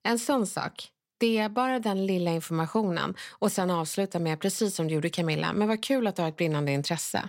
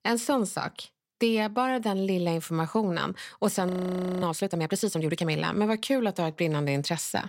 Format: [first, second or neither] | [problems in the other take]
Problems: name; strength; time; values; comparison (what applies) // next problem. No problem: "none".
first | audio freezing; at 3.5 s for 0.5 s